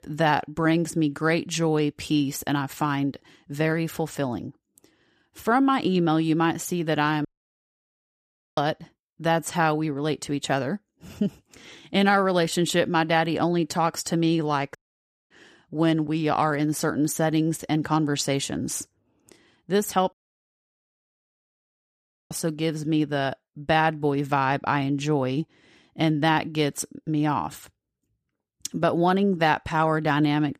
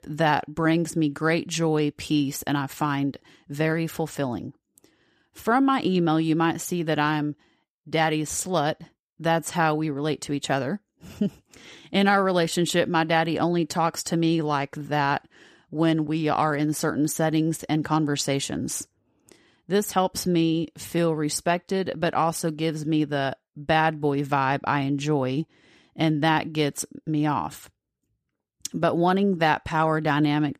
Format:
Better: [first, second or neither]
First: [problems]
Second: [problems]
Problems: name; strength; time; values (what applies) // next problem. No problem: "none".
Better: second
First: audio cutting out; at 7.5 s for 1.5 s, at 15 s for 0.5 s and at 20 s for 2 s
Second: none